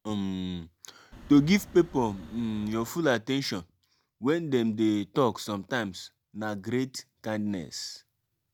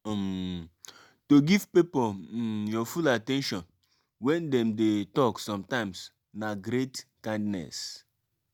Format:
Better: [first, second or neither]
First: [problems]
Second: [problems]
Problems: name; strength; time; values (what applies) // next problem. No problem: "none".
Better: second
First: background sound (Wind); 19 dB below the speech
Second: none